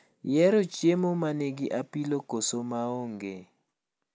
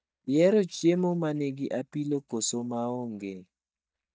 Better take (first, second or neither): first